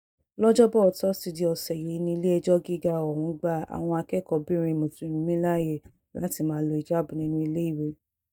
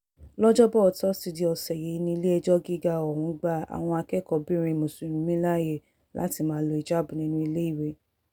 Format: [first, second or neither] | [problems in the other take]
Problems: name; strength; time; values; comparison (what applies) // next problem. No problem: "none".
second | noise reduction (neural mask model DeepFilterNet 3)